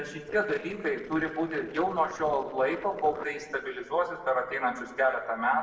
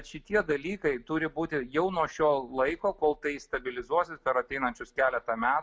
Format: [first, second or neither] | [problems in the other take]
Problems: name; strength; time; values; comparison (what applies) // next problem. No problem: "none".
second | noise reduction (neural separator model SepFormer DNS4)